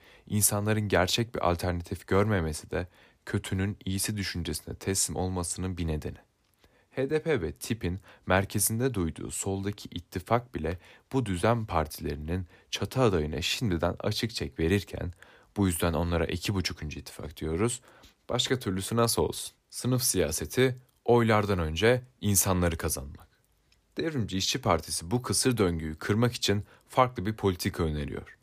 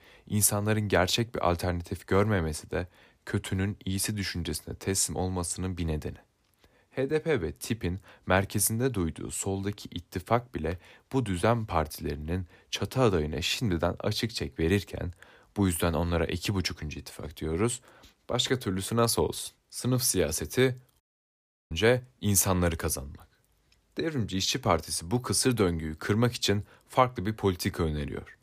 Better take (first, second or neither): first